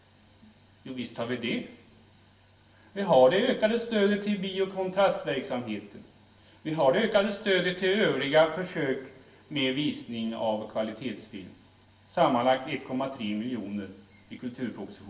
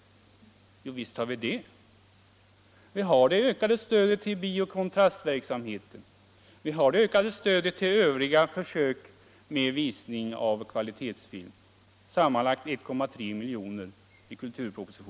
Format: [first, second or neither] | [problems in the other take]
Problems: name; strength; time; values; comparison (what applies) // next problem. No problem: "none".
second | room echo; dies away in 0.9 s